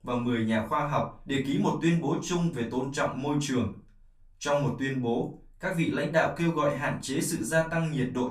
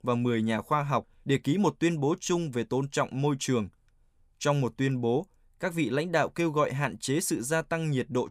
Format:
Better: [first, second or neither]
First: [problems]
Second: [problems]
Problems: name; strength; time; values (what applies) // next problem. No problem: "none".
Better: second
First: off-mic speech; far // room echo; very slight; dies away in 0.3 s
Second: none